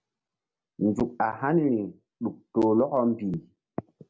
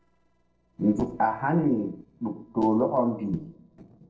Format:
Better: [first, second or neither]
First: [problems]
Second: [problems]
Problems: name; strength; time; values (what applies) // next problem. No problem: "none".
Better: first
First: none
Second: noise reduction (neural separator model SepFormer DNS4)